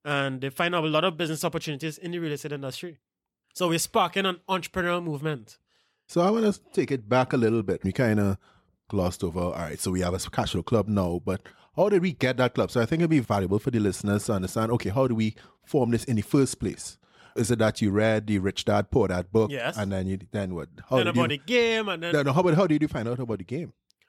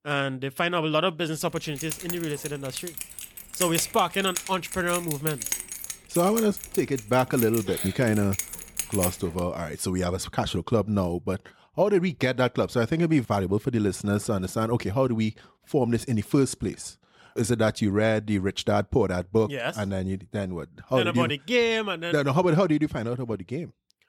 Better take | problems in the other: first | jangling keys; noticeable; from 1.5 to 9.5 s; peak 2 dB below the speech

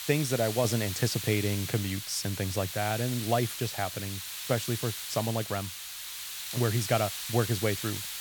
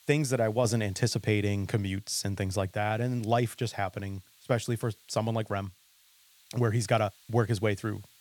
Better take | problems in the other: second | hiss; loud; throughout; 5 dB below the speech; faint in the second

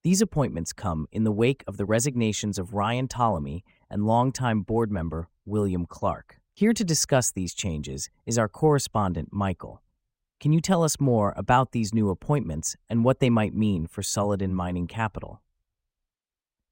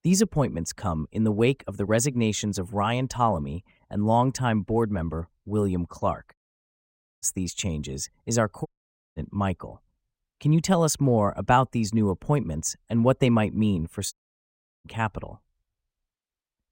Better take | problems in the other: first | audio cutting out; at 6.5 s for 1 s, at 8.5 s for 0.5 s and at 14 s for 0.5 s

